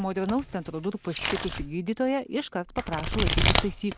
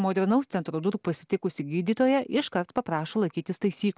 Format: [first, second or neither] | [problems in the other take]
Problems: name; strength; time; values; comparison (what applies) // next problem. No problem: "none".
second | background sound (Domestic sounds, home sounds); as loud as the speech